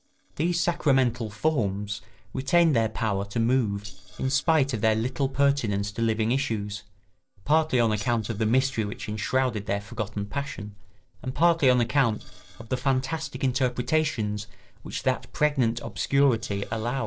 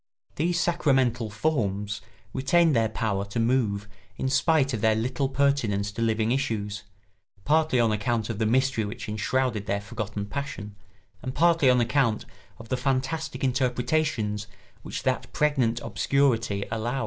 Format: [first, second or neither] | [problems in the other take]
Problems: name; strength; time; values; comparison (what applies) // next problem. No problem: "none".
second | noise reduction (neural separator model SepFormer DNS4)